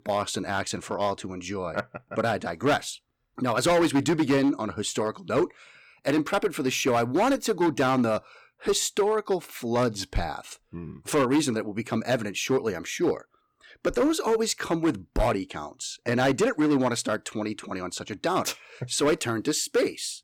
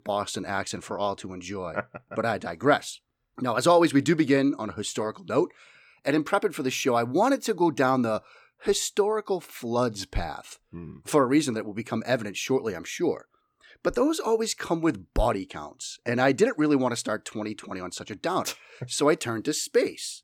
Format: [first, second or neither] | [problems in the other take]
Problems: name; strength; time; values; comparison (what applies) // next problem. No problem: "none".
second | distortion; slight; 6% of the sound clipped